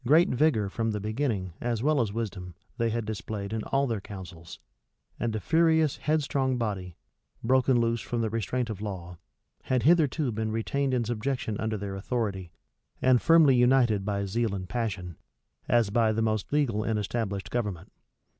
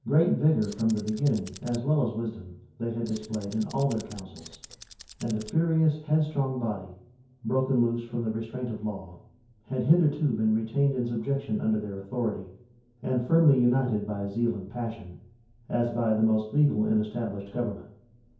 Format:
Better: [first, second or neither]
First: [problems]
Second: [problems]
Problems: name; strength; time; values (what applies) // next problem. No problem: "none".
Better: first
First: none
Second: background sound (Tools); 19 dB below the speech // room echo; dies away in 0.6 s